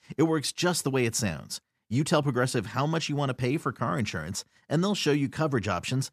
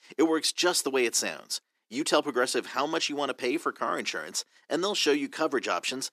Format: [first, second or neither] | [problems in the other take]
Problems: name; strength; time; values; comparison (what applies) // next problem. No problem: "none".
first | thin; somewhat; fading below 300 Hz